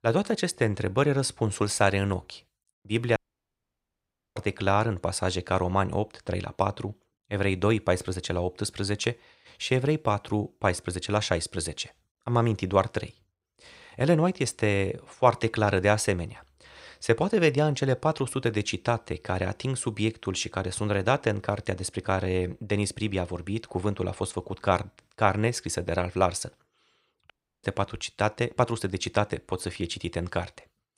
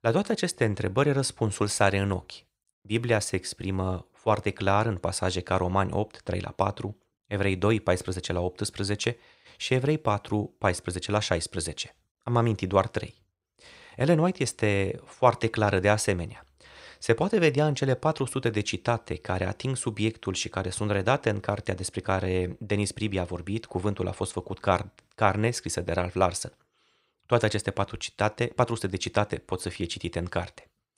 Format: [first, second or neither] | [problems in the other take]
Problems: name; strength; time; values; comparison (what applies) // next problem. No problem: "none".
second | audio cutting out; at 3 s for 1 s and at 27 s